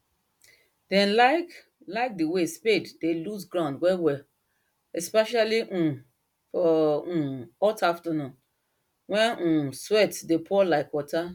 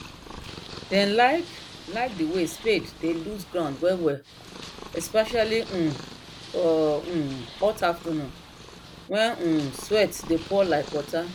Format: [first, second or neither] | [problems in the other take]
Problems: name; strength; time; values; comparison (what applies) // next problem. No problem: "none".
first | background sound (Purr); 15 dB below the speech